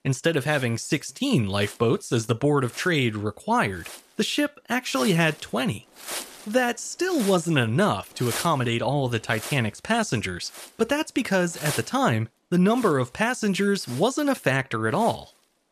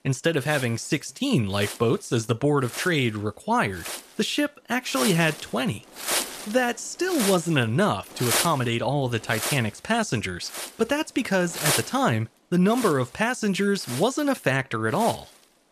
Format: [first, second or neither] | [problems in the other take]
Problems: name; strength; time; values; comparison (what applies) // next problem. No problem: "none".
first | wind noise on the microphone; heavy; 5 dB below the speech; occasional gusts in the first